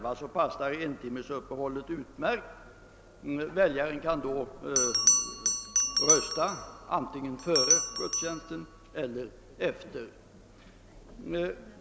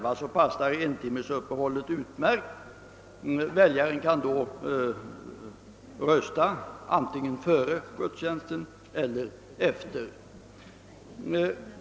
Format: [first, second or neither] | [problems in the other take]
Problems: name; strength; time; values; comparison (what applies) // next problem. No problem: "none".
second | background sound (Bell); as loud as the speech